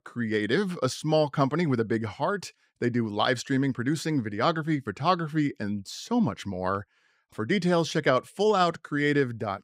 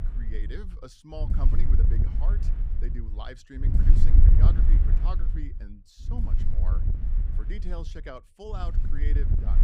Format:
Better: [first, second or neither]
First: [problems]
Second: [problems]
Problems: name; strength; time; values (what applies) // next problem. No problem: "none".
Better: first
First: none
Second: wind noise on the microphone; heavy; 1 dB below the speech